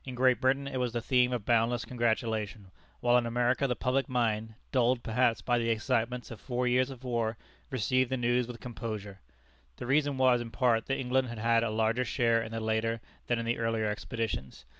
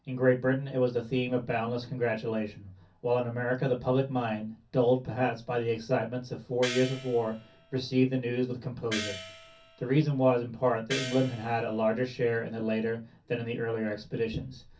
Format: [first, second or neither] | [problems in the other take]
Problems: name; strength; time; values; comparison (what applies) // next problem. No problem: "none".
first | background sound (Gong); 11 dB below the speech // room echo; dies away in 0.3 s